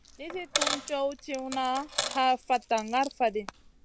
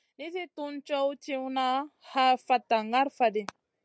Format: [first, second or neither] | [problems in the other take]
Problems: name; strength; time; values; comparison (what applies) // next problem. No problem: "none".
second | background sound (Coin (dropping)); 6 dB below the speech